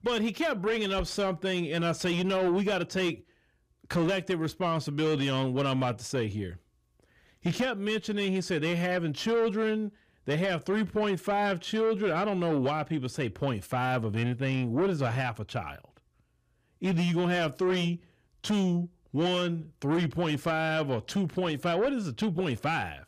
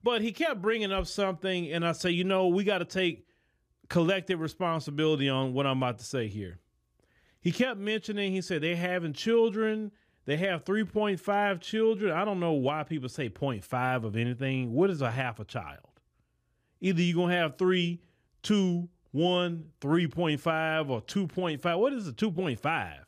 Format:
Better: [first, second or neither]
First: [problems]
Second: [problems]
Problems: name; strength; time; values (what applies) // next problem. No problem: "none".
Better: second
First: distortion; slight; 10 dB below the speech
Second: none